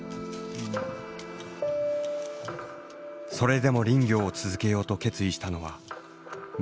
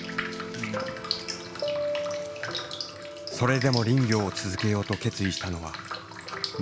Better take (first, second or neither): first